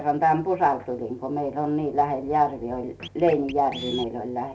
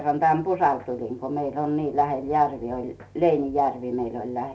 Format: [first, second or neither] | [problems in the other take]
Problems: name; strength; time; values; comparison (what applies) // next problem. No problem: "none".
second | background sound (Scratching (performance technique)); 17 dB below the speech